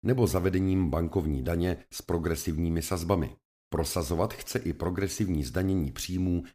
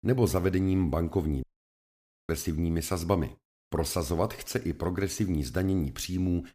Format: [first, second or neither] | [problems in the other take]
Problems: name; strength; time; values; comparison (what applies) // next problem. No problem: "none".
first | audio cutting out; at 1.5 s for 1 s